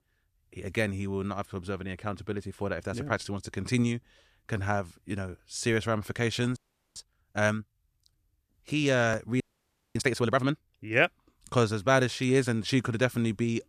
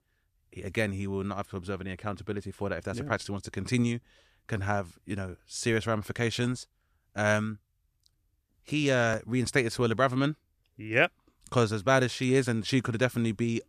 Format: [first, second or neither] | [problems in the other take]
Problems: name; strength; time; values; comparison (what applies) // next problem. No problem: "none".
second | audio freezing; at 6.5 s and at 9.5 s for 0.5 s